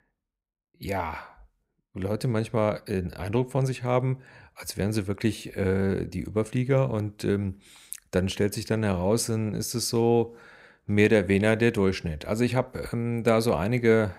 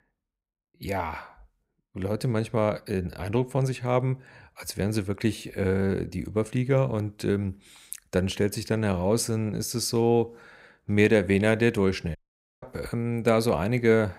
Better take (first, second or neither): first